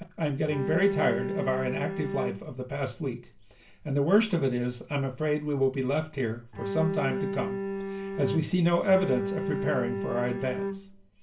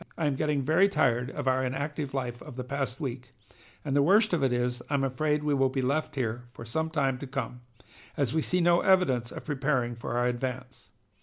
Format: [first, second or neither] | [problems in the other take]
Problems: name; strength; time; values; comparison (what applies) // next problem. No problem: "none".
second | background sound (Bowed string instrument); 4 dB below the speech // room echo; dies away in 0.2 s